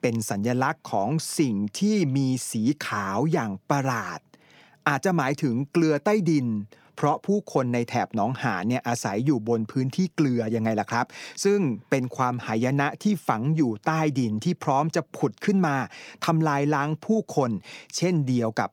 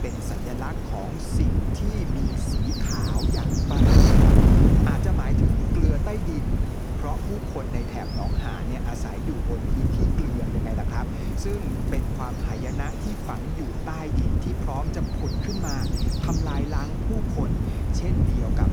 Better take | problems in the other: first | wind noise on the microphone; heavy; 4 dB above the speech

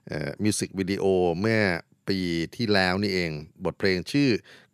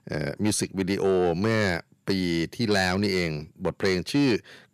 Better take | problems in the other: first | distortion; slight; 10 dB below the speech

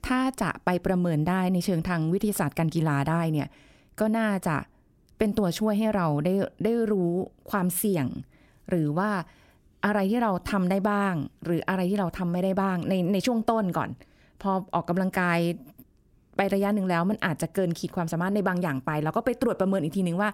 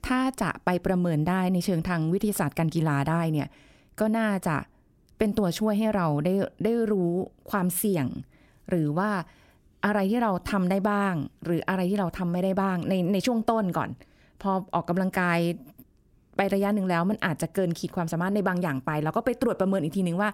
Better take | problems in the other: neither | none

